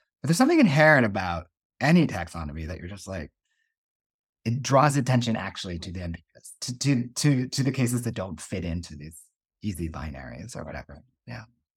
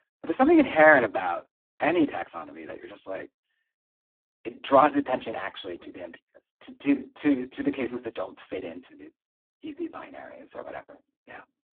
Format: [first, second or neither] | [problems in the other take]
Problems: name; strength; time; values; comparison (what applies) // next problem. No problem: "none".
first | phone-call audio; poor line